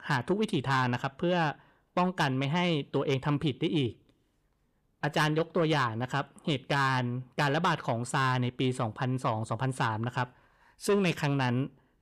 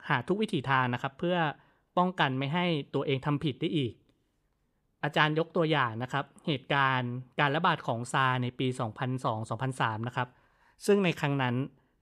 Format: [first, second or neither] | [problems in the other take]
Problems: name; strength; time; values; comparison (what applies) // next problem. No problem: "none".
second | distortion; slight; 10 dB below the speech